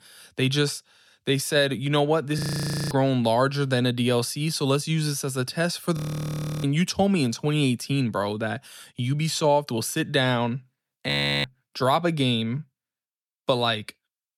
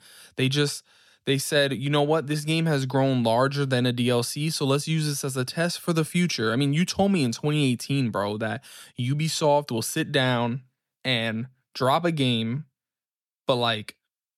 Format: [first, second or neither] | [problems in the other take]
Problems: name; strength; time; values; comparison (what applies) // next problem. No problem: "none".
second | audio freezing; at 2.5 s for 0.5 s, at 6 s for 0.5 s and at 11 s